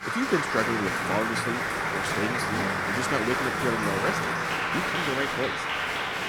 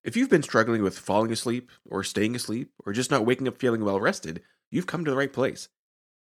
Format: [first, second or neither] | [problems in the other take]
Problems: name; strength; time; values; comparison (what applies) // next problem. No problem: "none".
second | crowd noise; very loud; throughout; 4 dB above the speech